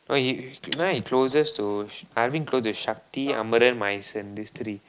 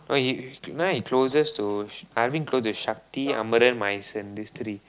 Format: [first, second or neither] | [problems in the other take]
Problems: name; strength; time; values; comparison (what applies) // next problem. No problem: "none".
second | noise reduction (neural mask model Resemble Enhance denoiser)